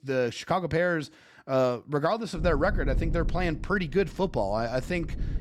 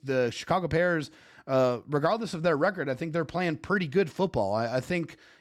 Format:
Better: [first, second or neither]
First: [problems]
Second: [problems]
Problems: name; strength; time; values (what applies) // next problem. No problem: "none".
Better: second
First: low rumble; faint; from 2.5 s on; 20 dB below the speech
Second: none